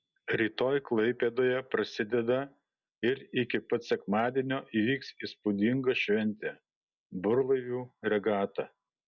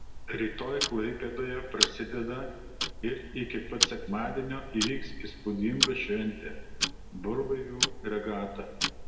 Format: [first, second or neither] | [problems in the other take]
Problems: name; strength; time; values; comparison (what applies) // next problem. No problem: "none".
first | background sound (Tick-tock); as loud as the speech // room echo; dies away in 1.5 s